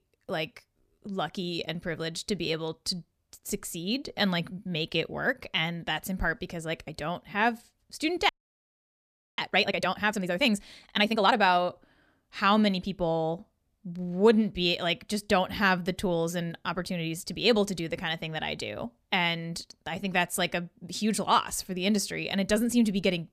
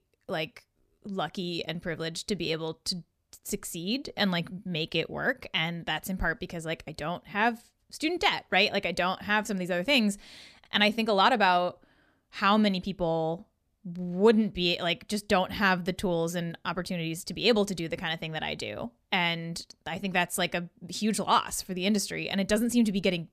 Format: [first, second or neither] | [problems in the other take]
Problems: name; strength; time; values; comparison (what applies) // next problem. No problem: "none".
second | audio freezing; at 8.5 s for 1 s